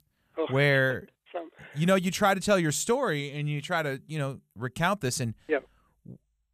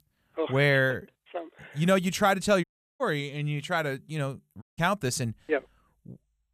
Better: first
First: none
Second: audio cutting out; at 2.5 s and at 4.5 s

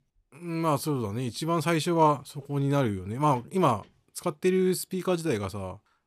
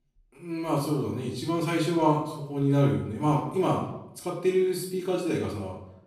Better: first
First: none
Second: off-mic speech; far // room echo; noticeable; dies away in 0.6 s

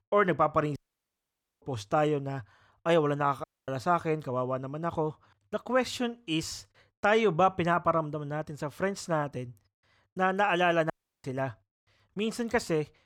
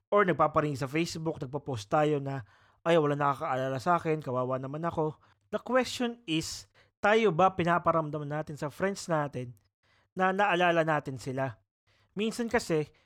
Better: second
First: audio cutting out; at 1 s for 1 s, at 3.5 s and at 11 s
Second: none

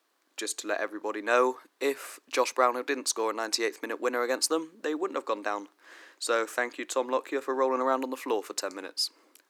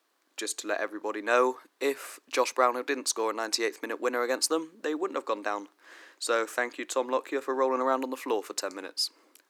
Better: neither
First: thin; somewhat; fading below 300 Hz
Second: thin; somewhat; fading below 300 Hz

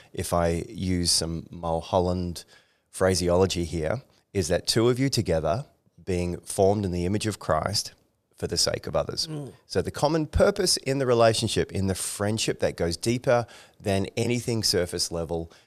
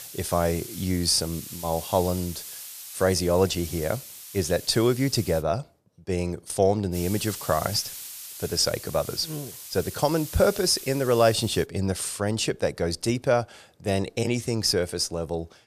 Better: first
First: none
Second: hiss; noticeable; until 5.5 s and from 7 to 12 s; 10 dB below the speech

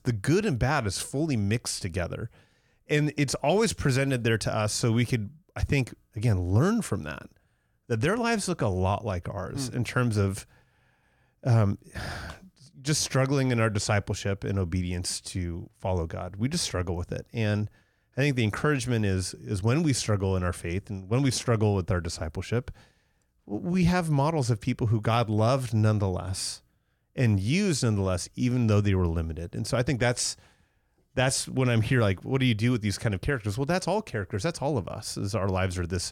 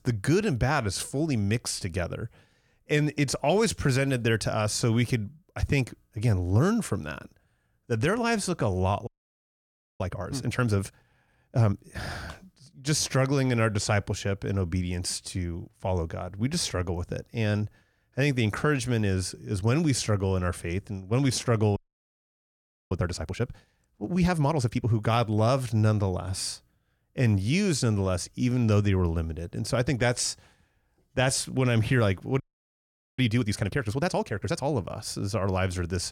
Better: first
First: none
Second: audio freezing; at 9 s for 1 s, at 22 s for 1 s and at 32 s for 1 s

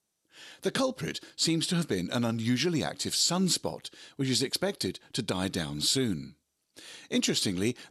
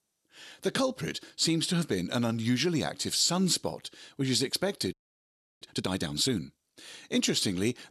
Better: first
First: none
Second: audio freezing; at 5 s for 0.5 s

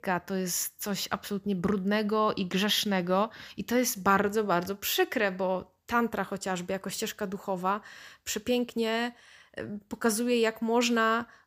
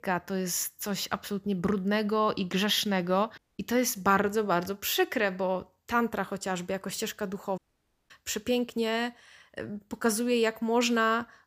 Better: first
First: none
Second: audio cutting out; at 3.5 s and at 7.5 s for 0.5 s

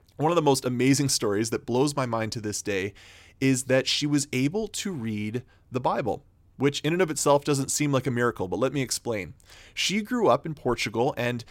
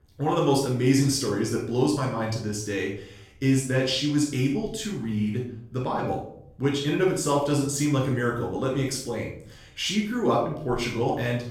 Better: first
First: none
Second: off-mic speech; far // room echo; noticeable; dies away in 0.5 s

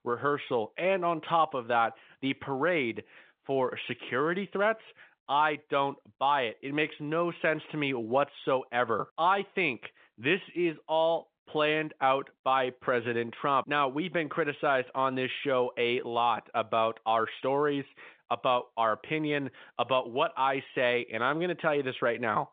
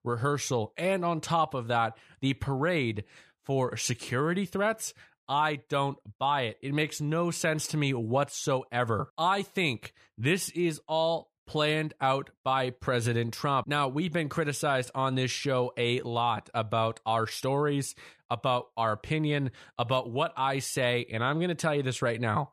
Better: second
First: phone-call audio; nothing above 3.5 kHz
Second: none

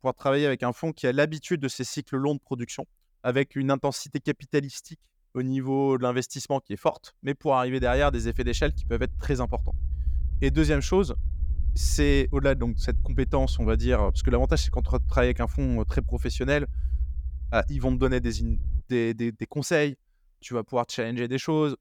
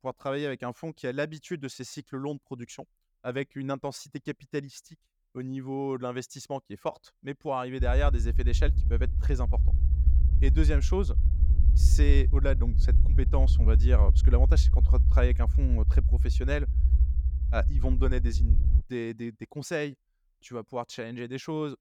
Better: first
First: low rumble; faint; from 8 to 19 s; 25 dB below the speech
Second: low rumble; loud; from 8 to 19 s; 10 dB below the speech

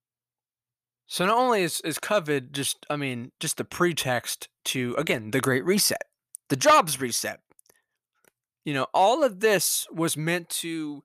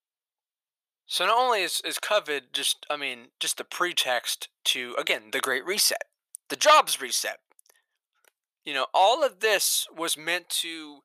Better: first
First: none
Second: thin; very; fading below 600 Hz

